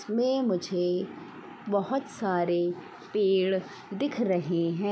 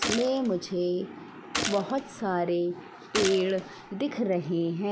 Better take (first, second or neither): first